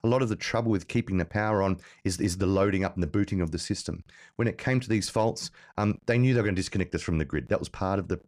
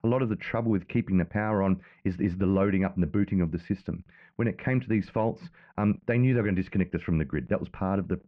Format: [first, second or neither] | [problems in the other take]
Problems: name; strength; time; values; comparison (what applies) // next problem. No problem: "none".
first | muffled; very; fading above 2.5 kHz